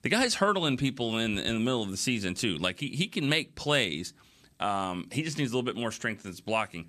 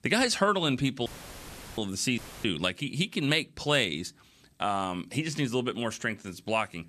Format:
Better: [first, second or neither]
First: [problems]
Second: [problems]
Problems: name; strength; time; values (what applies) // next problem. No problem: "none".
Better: first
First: none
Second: audio cutting out; filled with static; at 1 s for 0.5 s and at 2 s